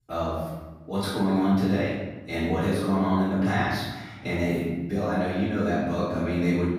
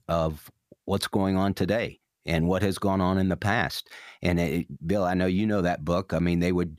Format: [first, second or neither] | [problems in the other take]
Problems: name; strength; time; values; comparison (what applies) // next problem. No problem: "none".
second | off-mic speech; far // room echo; strong; dies away in 1.1 s